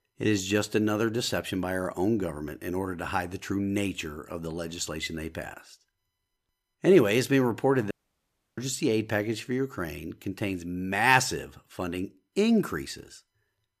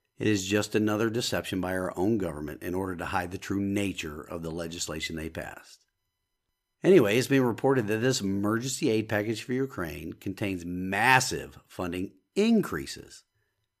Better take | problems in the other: second | audio cutting out; at 8 s for 0.5 s

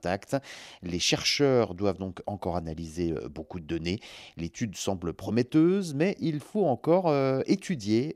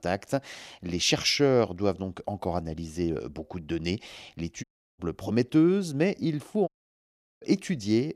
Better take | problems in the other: first | audio cutting out; at 4.5 s and at 6.5 s for 0.5 s

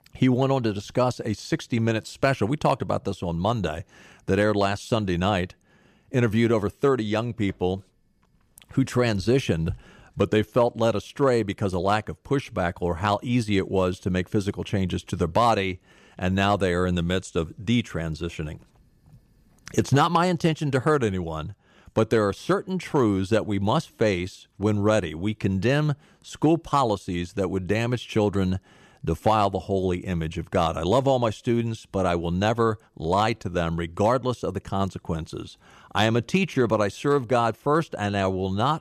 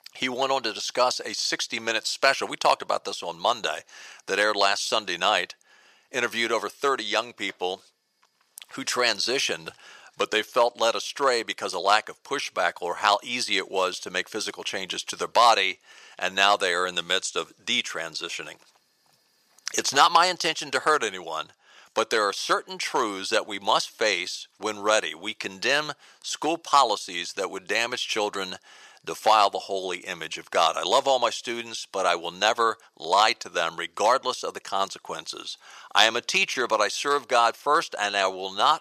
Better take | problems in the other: first | thin; very; fading below 750 Hz

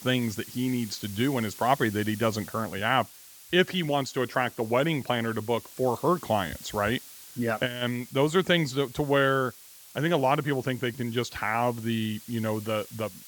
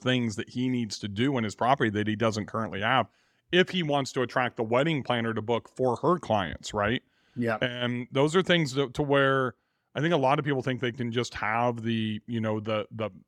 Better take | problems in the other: second | hiss; noticeable; throughout; 15 dB below the speech

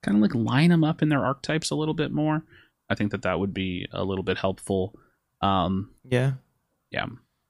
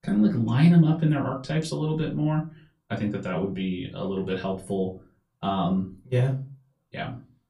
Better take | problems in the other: first | off-mic speech; far // room echo; very slight; dies away in 0.3 s

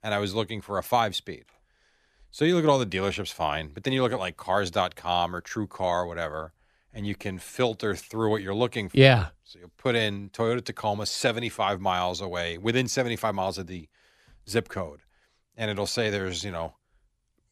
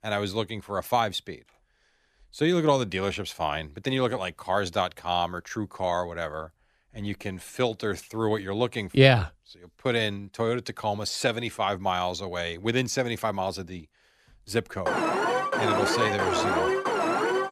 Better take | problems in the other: first | alarm; loud; from 15 s on; peak 3 dB above the speech

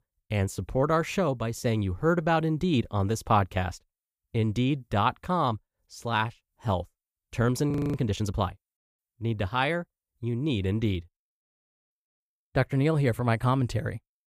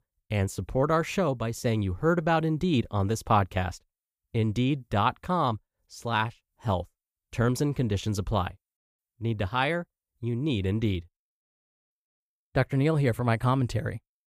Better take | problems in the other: second | audio freezing; at 7.5 s

